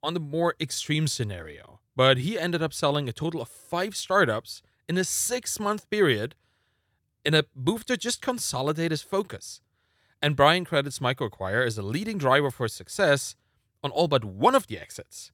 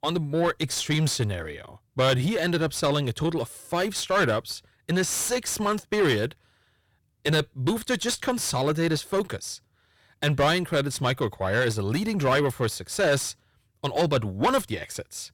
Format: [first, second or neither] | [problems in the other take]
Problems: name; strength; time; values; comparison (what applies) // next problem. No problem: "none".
first | distortion; heavy; 7 dB below the speech